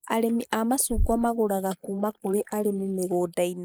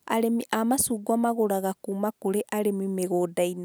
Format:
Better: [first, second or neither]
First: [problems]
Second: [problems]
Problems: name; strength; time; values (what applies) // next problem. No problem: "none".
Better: second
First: noise reduction (neural mask model Resemble Enhance denoiser)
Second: none